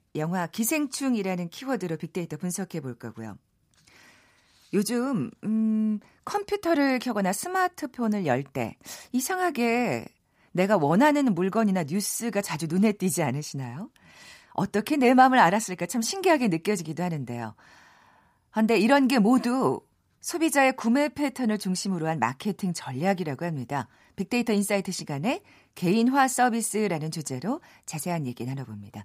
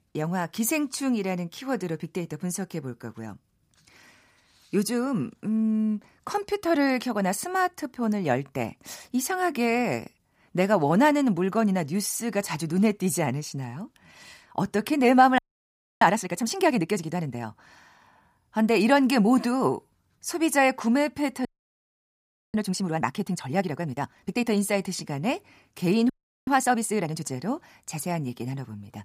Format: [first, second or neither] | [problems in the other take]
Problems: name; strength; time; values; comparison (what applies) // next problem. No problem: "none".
first | audio freezing; at 15 s for 0.5 s, at 21 s for 1 s and at 26 s